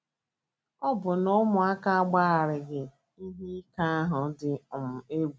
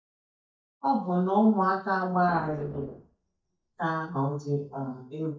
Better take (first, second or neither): first